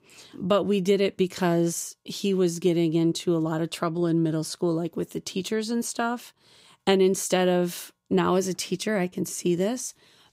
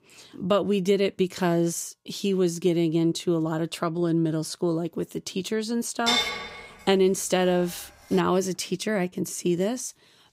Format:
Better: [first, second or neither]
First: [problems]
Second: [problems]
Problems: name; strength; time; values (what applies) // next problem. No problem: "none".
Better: first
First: none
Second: clattering dishes; loud; at 6 s; peak 3 dB above the speech